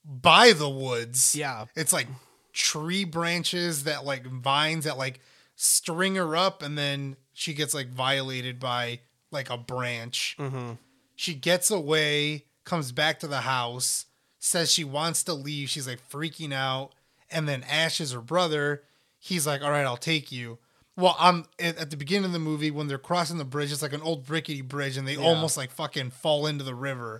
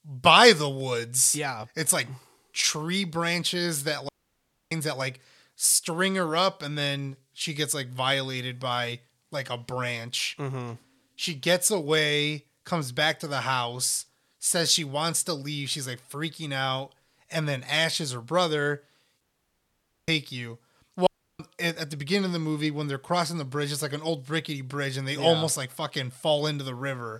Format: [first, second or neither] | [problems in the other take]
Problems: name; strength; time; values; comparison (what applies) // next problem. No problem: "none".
first | audio cutting out; at 4 s for 0.5 s, at 19 s for 1 s and at 21 s